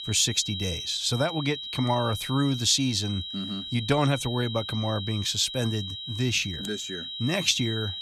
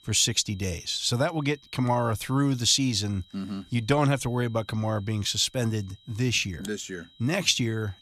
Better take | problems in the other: second | high-pitched whine; loud; throughout; 4 kHz, 7 dB below the speech; faint in the second

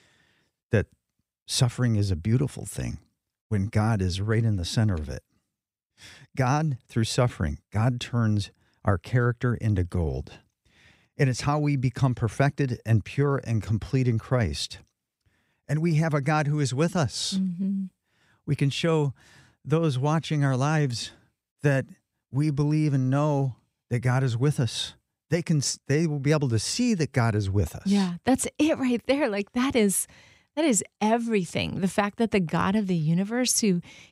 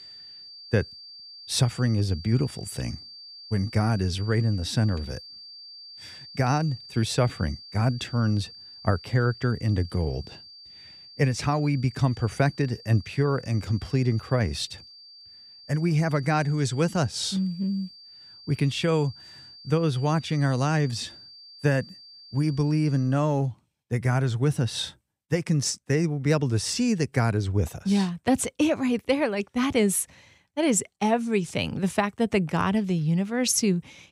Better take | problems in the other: first | high-pitched whine; noticeable; until 23 s; 4.5 kHz, 20 dB below the speech

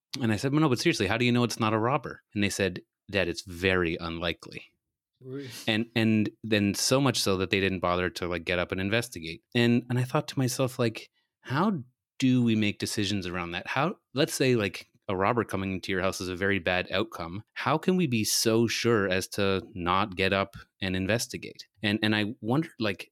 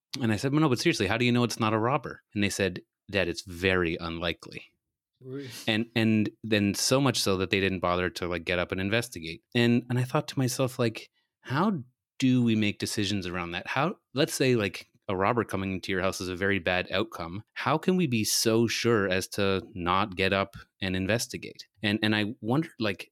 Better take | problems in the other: neither | none

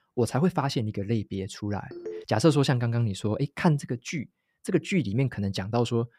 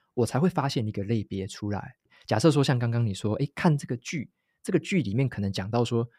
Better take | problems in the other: second | phone ringing; faint; at 2 s; peak 10 dB below the speech

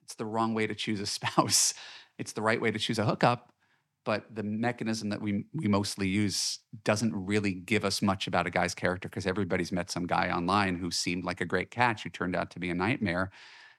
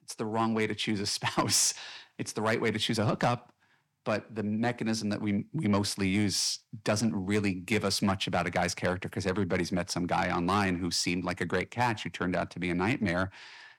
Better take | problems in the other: first | distortion; slight; 10 dB below the speech

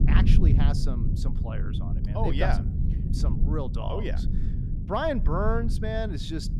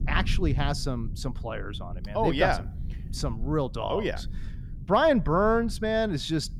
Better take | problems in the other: second | low rumble; loud; throughout; 9 dB below the speech; faint in the second

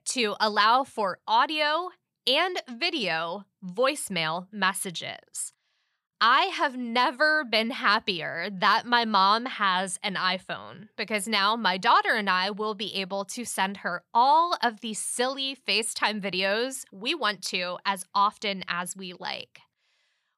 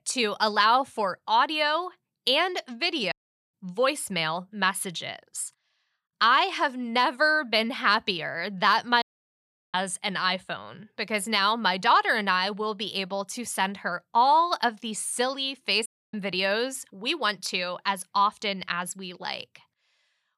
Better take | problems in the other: first | audio cutting out; at 3 s, at 9 s for 0.5 s and at 16 s

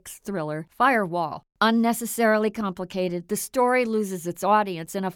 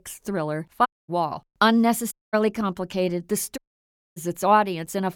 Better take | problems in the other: first | audio cutting out; at 1 s, at 2 s and at 3.5 s for 0.5 s

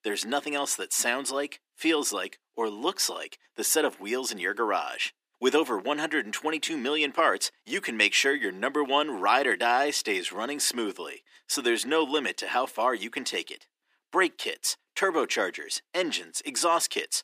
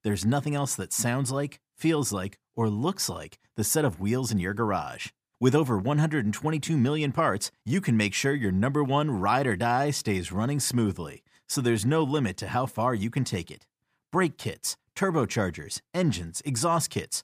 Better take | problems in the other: second | thin; somewhat; fading below 300 Hz

